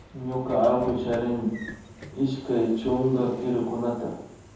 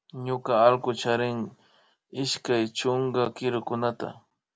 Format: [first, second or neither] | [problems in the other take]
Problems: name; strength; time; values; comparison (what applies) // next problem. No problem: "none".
second | background sound (Sliding door / Train); 17 dB below the speech // room echo; dies away in 0.9 s